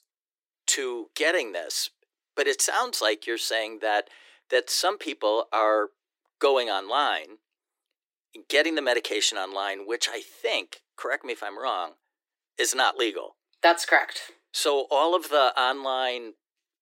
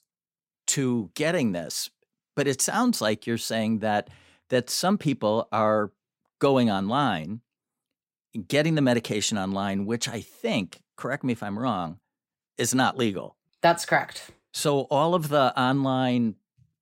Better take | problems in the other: second | thin; very; fading below 300 Hz

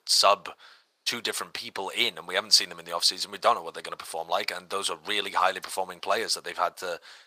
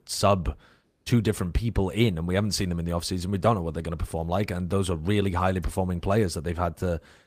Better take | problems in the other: second | thin; very; fading below 900 Hz

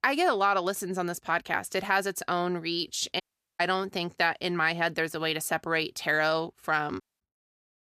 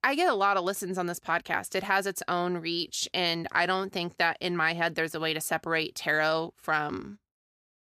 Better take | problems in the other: second | audio cutting out; at 3 s and at 7 s

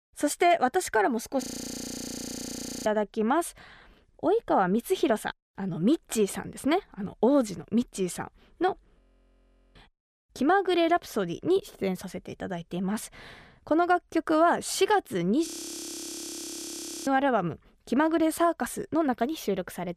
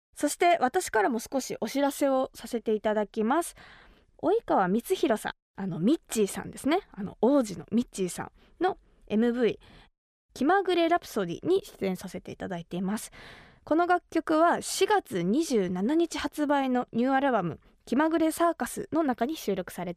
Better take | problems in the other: second | audio freezing; at 1.5 s for 1.5 s, at 9 s for 1 s and at 15 s for 1.5 s

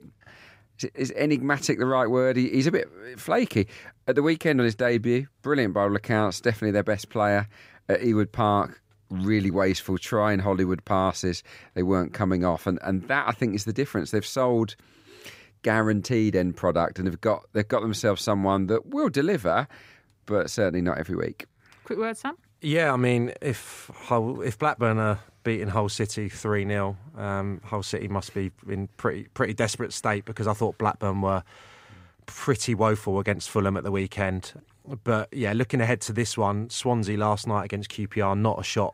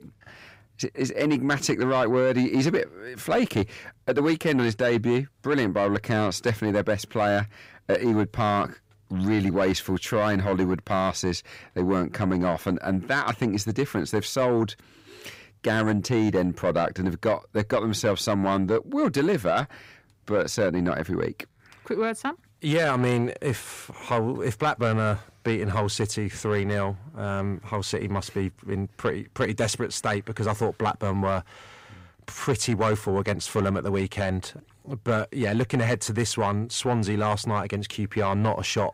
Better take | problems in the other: first | distortion; slight; 10 dB below the speech

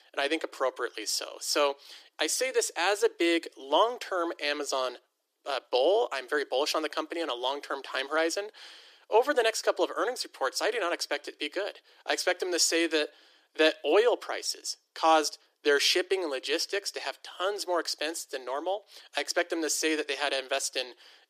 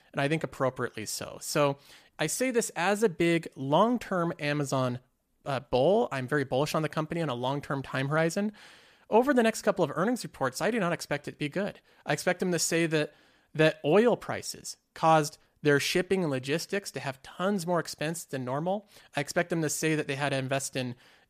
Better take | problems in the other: second | thin; very; fading below 300 Hz

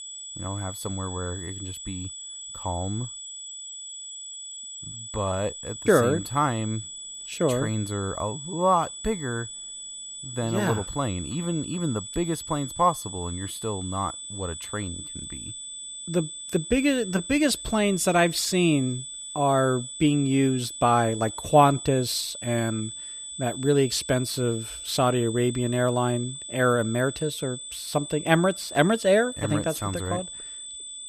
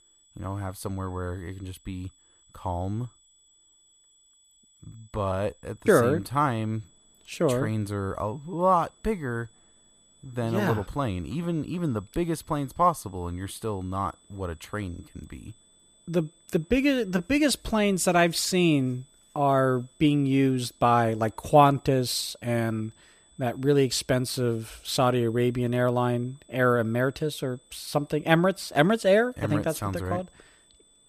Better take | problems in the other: second | high-pitched whine; loud; throughout; 8 kHz, 10 dB below the speech; faint in the second

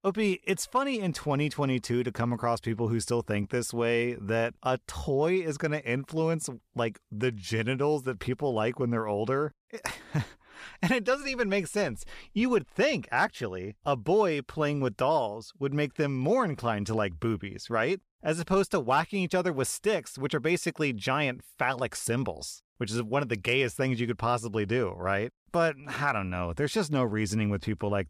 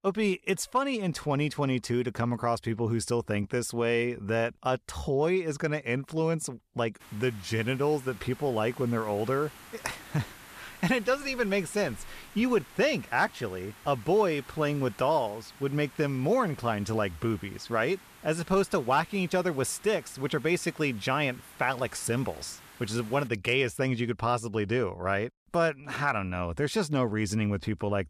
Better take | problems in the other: first | hiss; faint; from 7 to 23 s; 20 dB below the speech

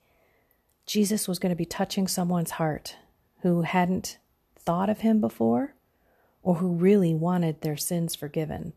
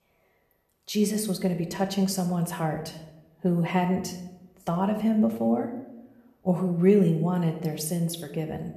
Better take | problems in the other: first | room echo; slight; dies away in 0.7 s

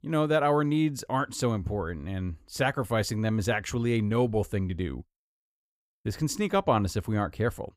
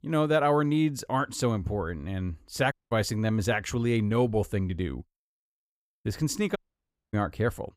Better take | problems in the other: first | audio cutting out; at 2.5 s and at 6.5 s for 0.5 s

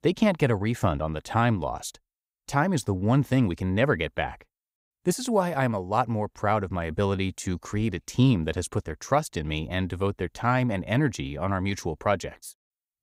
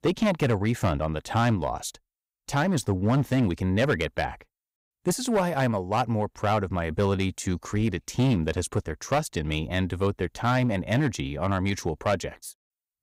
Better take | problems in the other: first | distortion; slight; 5% of the sound clipped

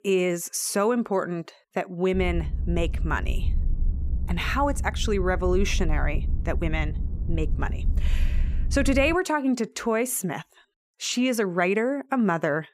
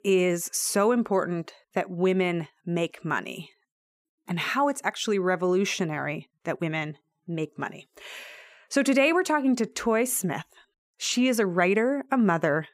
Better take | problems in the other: second | low rumble; faint; from 2 to 9 s; 20 dB below the speech

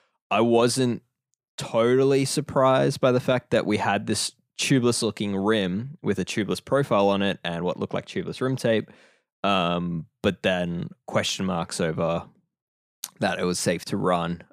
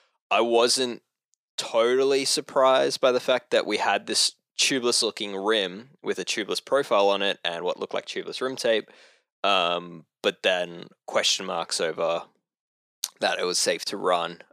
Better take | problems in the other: first | thin; somewhat; fading below 450 Hz

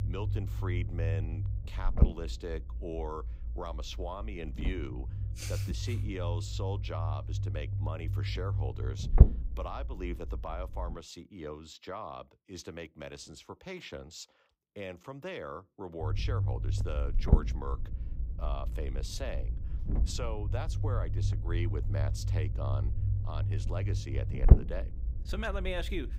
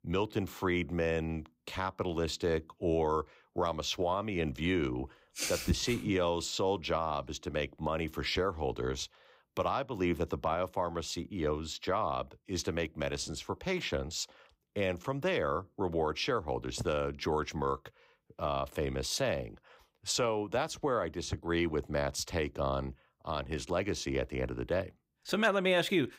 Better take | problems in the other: second | low rumble; loud; until 11 s and from 16 s on; 5 dB below the speech

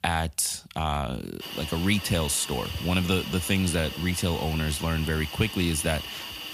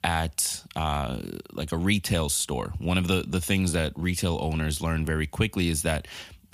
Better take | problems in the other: second | hiss; loud; from 1.5 s on; 8 dB below the speech

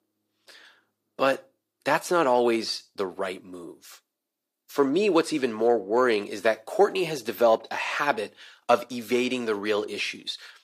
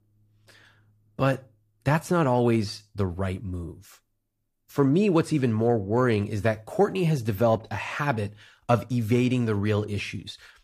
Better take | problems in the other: second | thin; somewhat; fading below 350 Hz

